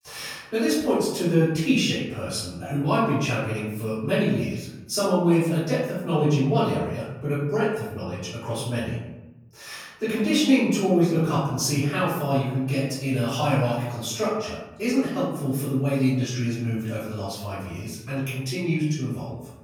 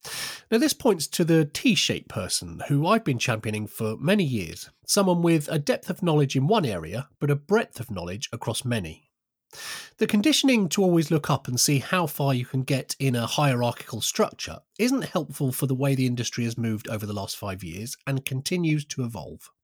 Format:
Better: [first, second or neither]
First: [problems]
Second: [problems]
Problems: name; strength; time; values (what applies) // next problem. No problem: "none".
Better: second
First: room echo; noticeable; dies away in 0.9 s // off-mic speech; far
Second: none